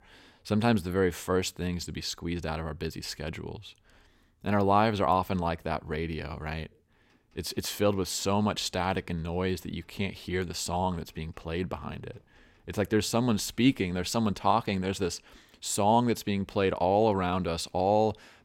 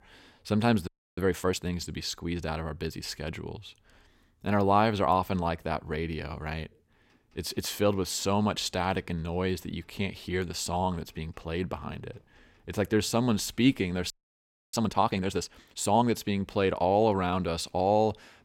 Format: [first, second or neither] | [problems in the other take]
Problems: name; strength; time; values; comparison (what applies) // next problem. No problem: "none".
first | audio freezing; at 1 s and at 14 s for 0.5 s